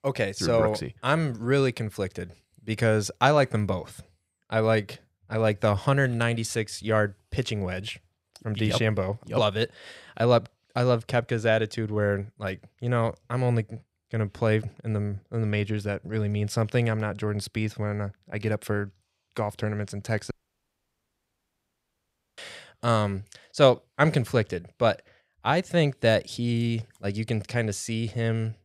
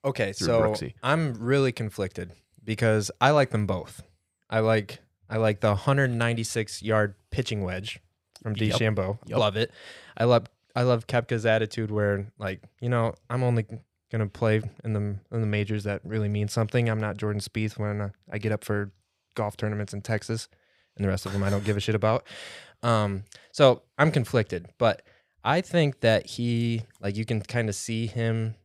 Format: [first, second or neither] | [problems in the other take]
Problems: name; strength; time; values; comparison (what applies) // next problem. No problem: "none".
second | audio cutting out; at 20 s for 2 s